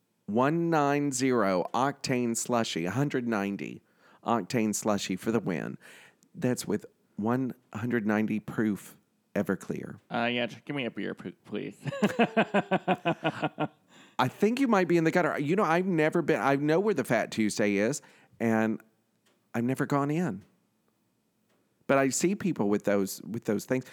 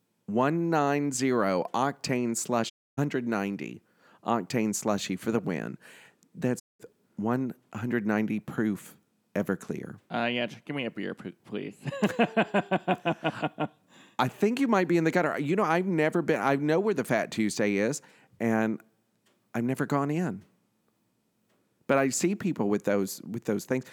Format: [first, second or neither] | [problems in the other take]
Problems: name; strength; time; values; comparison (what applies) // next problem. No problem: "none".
first | audio cutting out; at 2.5 s and at 6.5 s